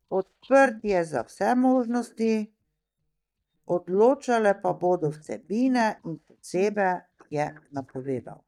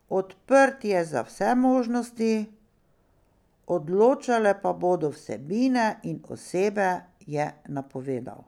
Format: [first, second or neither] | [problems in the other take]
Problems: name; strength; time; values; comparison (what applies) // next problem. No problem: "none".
second | noise reduction (neural mask model DeepFilterNet 3)